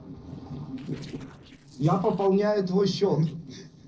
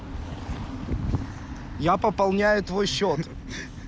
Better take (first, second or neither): second